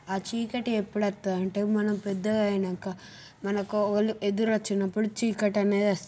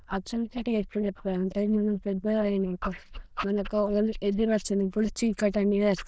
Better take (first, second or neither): first